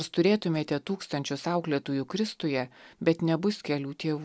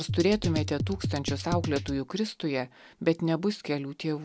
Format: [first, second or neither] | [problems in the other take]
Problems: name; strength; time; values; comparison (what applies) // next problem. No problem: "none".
first | background sound (Drum kit); 3 dB below the speech